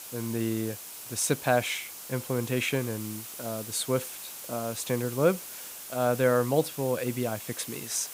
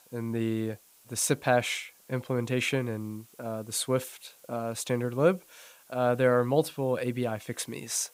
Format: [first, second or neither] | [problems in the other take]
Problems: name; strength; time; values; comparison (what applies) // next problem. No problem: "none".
second | hiss; loud; throughout; 10 dB below the speech; faint in the second